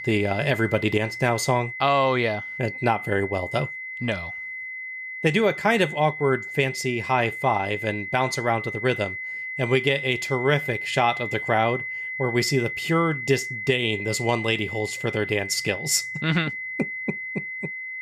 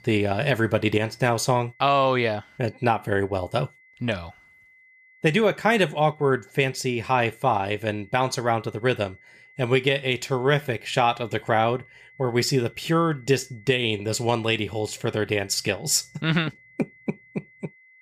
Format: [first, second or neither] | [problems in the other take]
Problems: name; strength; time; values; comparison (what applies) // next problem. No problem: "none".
second | high-pitched whine; loud; throughout; 2 kHz, 7 dB below the speech; faint in the second